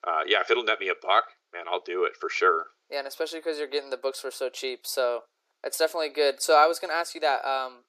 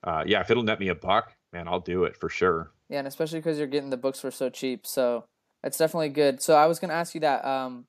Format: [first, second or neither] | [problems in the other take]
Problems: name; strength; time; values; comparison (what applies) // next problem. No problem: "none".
second | thin; very; fading below 350 Hz